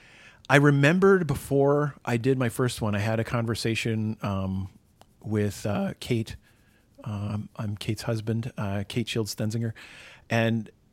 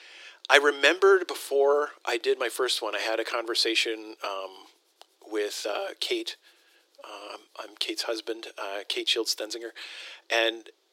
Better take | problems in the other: first | thin; very; fading below 350 Hz

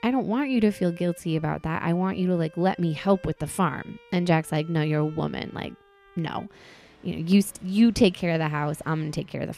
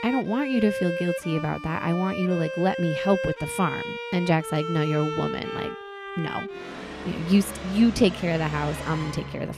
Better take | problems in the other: first | background music; loud; throughout; 7 dB below the speech; faint in the first

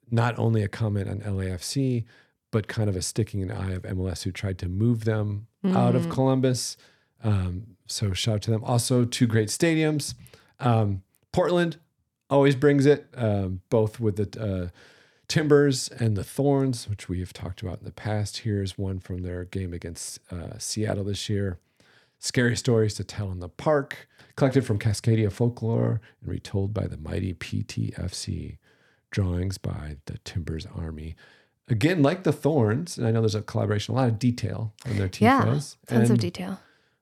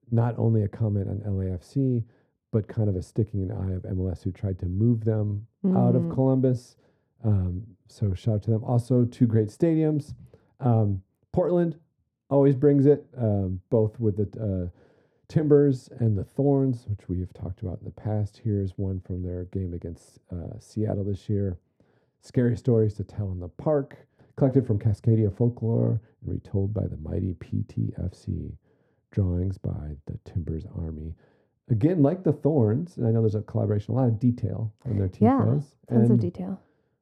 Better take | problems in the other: first | muffled; very; fading above 1 kHz

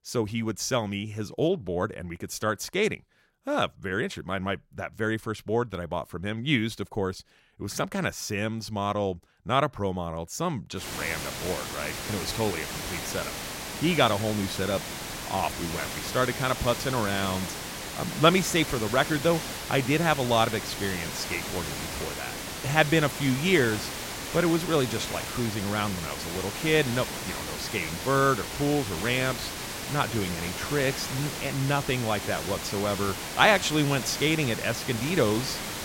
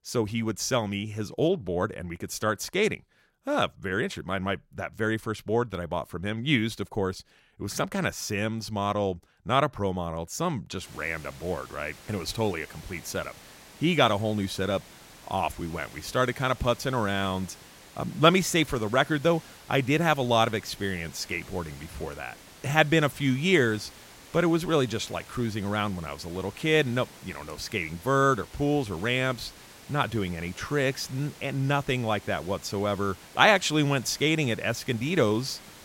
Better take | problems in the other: second | hiss; loud; from 11 s on; 6 dB below the speech; faint in the second

